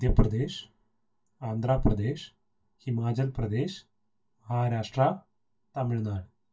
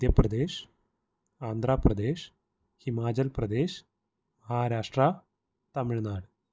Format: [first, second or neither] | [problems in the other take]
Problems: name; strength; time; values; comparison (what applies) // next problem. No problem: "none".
second | room echo; dies away in 0.1 s